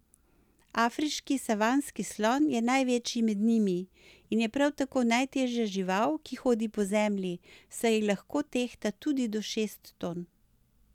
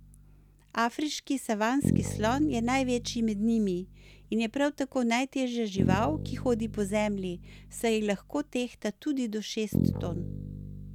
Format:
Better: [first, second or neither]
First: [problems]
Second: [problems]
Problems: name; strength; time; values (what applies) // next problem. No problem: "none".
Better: first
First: none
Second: background sound (Bass guitar); 6 dB below the speech